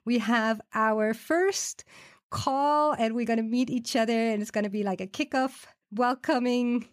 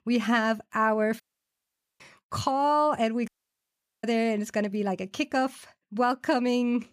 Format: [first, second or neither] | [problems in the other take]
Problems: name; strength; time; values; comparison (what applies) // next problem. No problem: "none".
first | audio cutting out; at 1 s for 1 s and at 3.5 s for 1 s